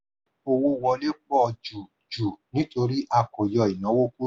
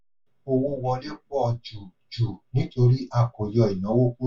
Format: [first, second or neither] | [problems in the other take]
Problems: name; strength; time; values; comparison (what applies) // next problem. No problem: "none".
first | room echo; dies away in 0.1 s